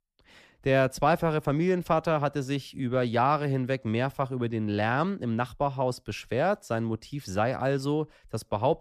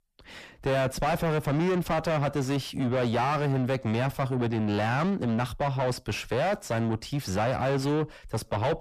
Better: first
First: none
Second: distortion; heavy; 6 dB below the speech

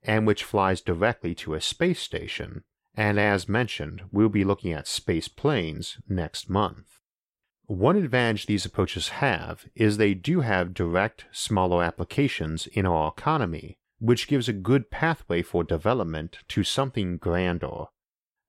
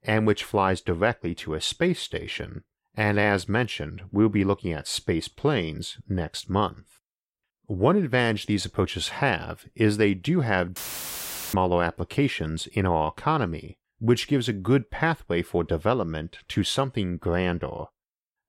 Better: first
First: none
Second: audio cutting out; filled with static; at 11 s for 1 s

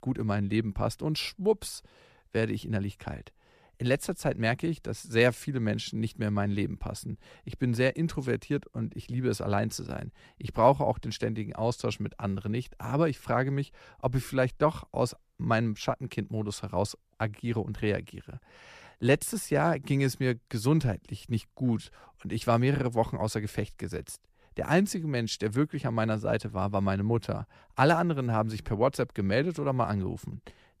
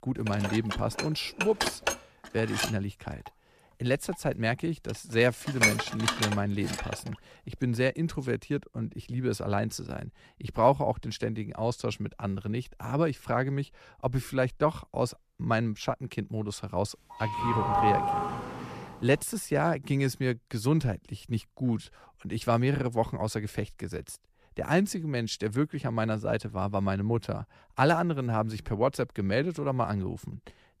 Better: first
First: none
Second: clattering dishes; loud; until 7 s; peak 6 dB above the speech // doorbell; loud; from 17 to 19 s; peak 5 dB above the speech

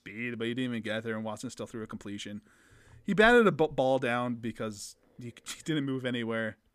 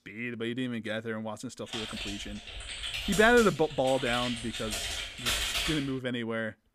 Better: first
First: none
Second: keyboard typing; loud; from 1.5 to 6 s; peak 2 dB above the speech

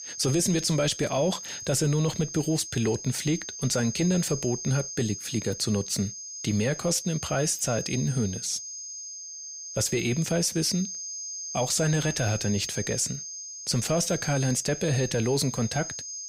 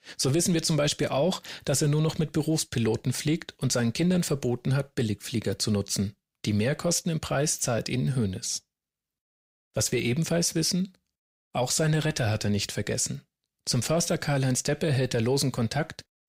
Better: second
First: high-pitched whine; loud; throughout; 6.5 kHz, 8 dB below the speech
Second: none

